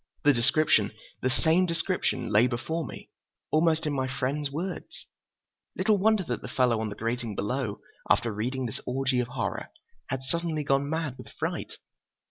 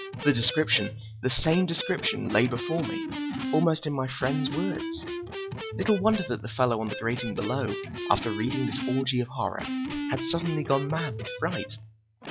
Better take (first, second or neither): first